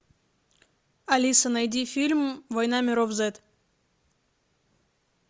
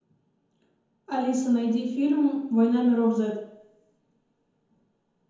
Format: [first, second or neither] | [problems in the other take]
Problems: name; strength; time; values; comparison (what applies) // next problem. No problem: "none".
first | room echo; dies away in 0.9 s